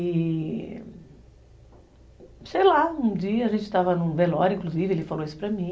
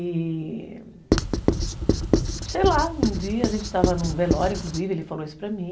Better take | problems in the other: first | background sound (Writing); 2 dB above the speech

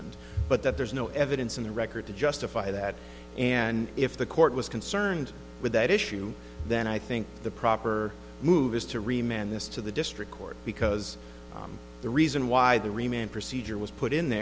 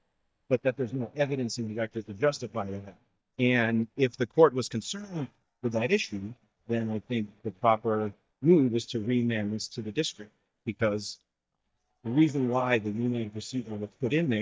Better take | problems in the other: first | noise reduction (neural mask model DeepFilterNet 3)

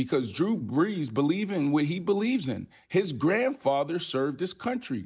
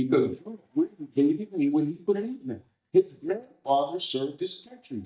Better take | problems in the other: first | noise reduction (neural mask model DeepFilterNet 3)

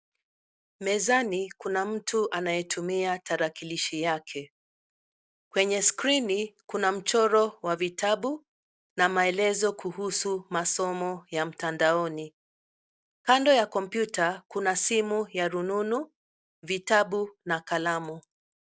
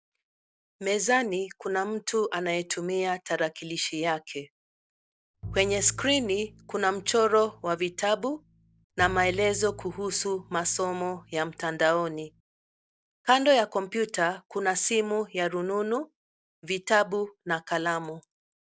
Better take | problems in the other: first | background sound (Bowed string instrument); 17 dB below the speech

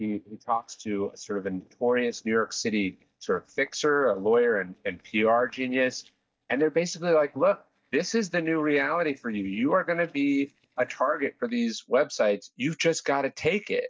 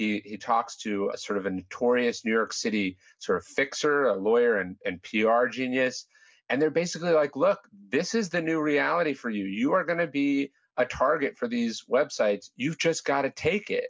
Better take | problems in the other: second | noise reduction (neural mask model DeepFilterNet 3)

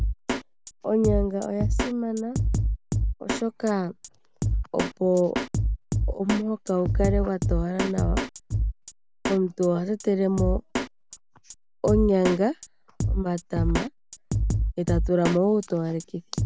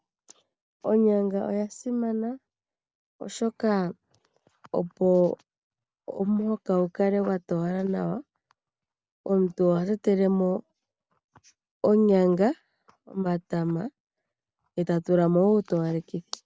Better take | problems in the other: second | background sound (Drum kit); 1 dB below the speech

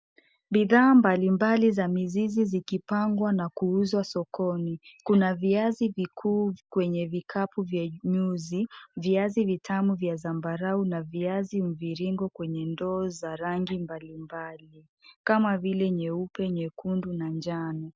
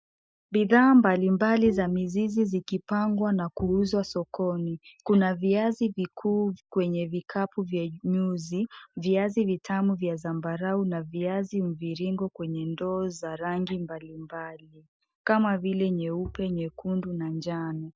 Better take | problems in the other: first | noise reduction (neural mask model DeepFilterNet 3)

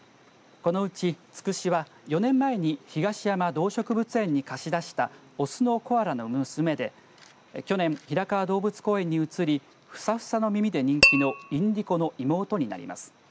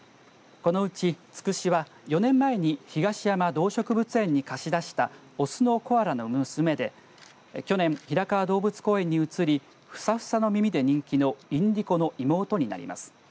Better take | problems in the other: second | background sound (Tap / Glass); 2 dB above the speech

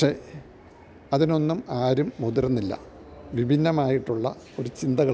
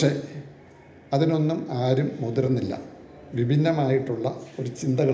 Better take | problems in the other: first | room echo; dies away in 0.8 s

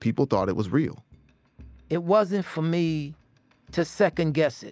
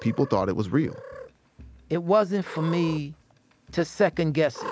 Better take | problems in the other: first | background sound (Cat); 16 dB below the speech

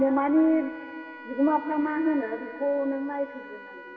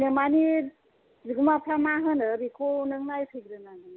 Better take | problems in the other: second | background sound (Trumpet); 17 dB below the speech // room echo; dies away in 2.4 s

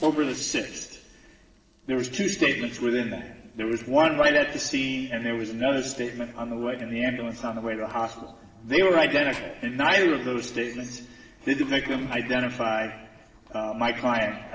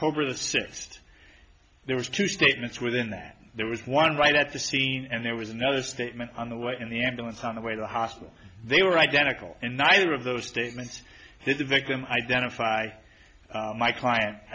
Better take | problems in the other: second | noise reduction (neural separator model SepFormer DNS4)

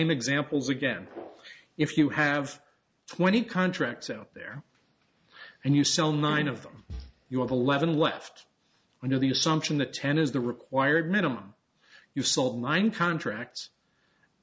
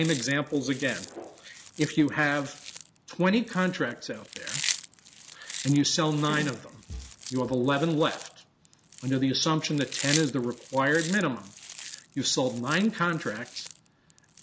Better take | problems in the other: first | background sound (Chewing, mastication); 12 dB below the speech

